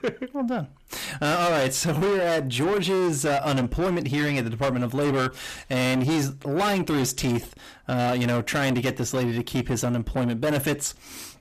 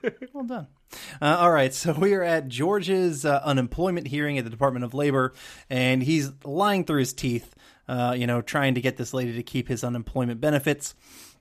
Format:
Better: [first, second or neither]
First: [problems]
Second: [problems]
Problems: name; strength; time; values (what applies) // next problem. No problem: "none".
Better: second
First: distortion; heavy; 6 dB below the speech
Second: none